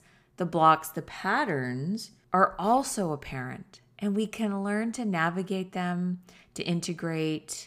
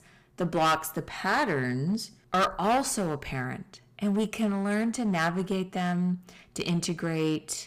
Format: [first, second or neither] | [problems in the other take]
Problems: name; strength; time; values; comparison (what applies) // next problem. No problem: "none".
first | distortion; heavy; 8% of the sound clipped